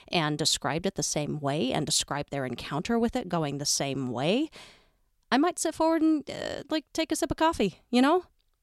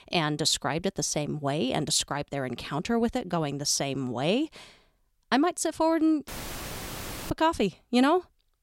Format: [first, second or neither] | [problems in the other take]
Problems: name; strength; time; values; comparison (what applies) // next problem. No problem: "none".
first | audio cutting out; filled with static; at 6.5 s for 1 s